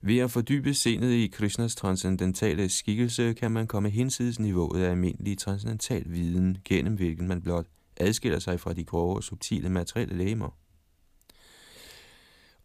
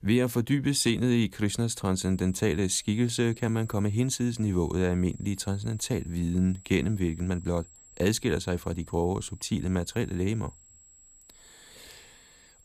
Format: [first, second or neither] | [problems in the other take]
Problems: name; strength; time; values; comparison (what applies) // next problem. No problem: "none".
first | high-pitched whine; faint; from 2 s on; 7.5 kHz, 25 dB below the speech